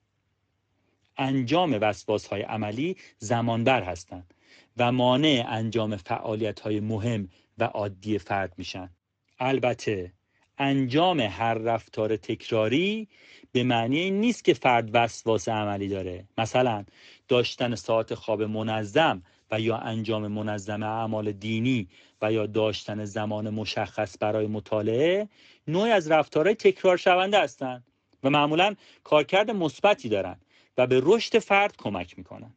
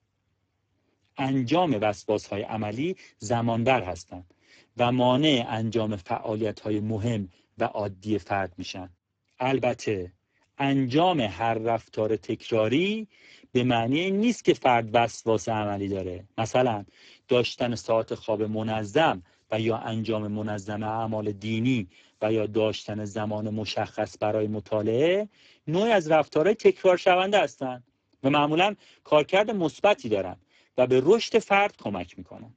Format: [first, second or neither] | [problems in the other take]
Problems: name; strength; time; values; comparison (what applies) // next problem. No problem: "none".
first | garbled, watery; badly; nothing above 7.5 kHz; slightly in the first